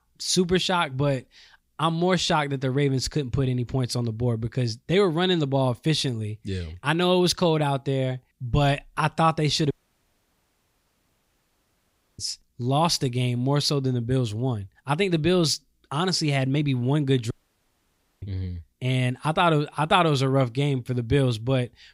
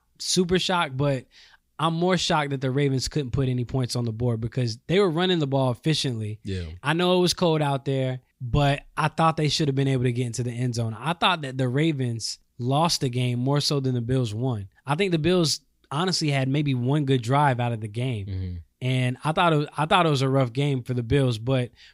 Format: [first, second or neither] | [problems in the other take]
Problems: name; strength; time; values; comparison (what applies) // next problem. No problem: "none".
second | audio cutting out; at 9.5 s for 2.5 s and at 17 s for 1 s